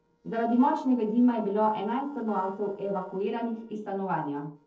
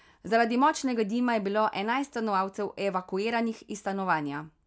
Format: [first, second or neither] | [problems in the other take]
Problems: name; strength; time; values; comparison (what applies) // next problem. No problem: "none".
second | noise reduction (neural separator model SepFormer DNS4)